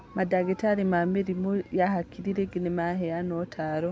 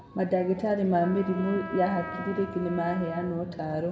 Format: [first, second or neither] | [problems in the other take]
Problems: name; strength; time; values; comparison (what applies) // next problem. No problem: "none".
first | background sound (Trumpet); 14 dB below the speech // room echo; dies away in 1.5 s